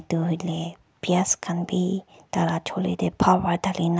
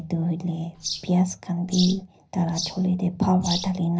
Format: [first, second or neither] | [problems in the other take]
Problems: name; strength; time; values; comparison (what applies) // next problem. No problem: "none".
first | background sound (Bird vocalization, bird call, bird song); 10 dB below the speech // room echo; dies away in 0.5 s